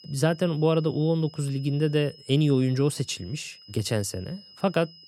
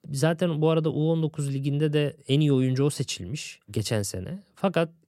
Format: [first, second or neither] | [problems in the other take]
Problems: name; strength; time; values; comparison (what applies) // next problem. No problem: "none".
second | high-pitched whine; faint; throughout; 5 kHz, 20 dB below the speech